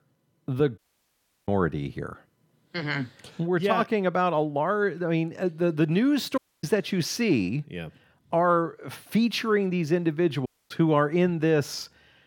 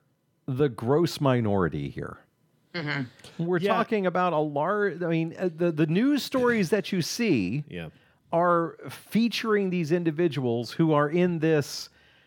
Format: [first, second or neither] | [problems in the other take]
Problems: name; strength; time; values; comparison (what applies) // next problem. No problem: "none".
second | audio cutting out; at 1 s for 0.5 s, at 6.5 s and at 10 s